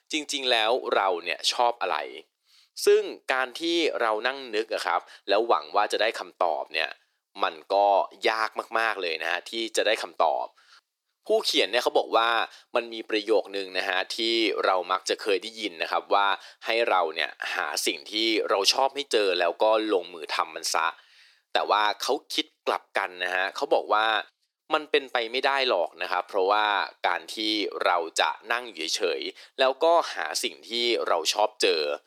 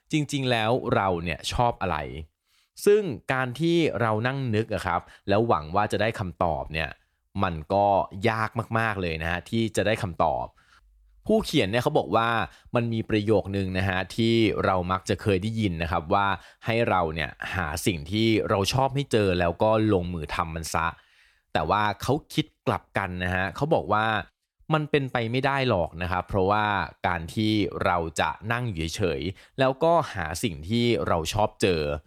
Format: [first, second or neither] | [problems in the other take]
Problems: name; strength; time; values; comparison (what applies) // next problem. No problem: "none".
second | thin; very; fading below 350 Hz